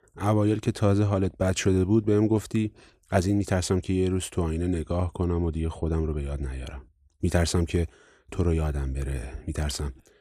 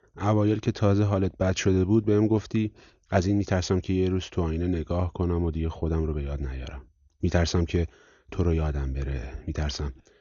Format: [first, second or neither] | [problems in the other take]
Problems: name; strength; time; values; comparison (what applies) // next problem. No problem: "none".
first | garbled, watery; slightly; nothing above 6.5 kHz